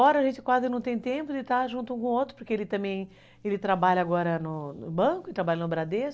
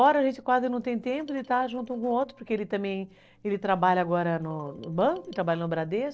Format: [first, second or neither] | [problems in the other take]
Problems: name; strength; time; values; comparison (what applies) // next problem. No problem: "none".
first | noise reduction (neural separator model SepFormer DNS4)